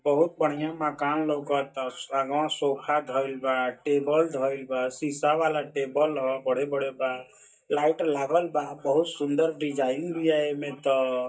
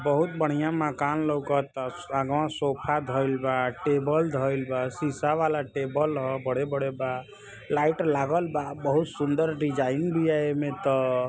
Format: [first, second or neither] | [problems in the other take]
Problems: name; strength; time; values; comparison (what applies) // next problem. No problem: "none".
second | noise reduction (neural mask model DeepFilterNet 3)